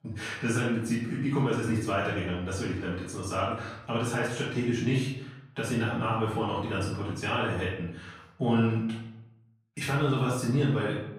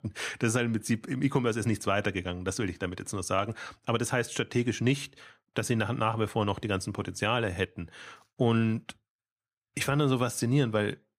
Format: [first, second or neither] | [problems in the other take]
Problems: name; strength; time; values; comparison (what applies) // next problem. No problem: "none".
second | off-mic speech; far // room echo; noticeable; dies away in 0.7 s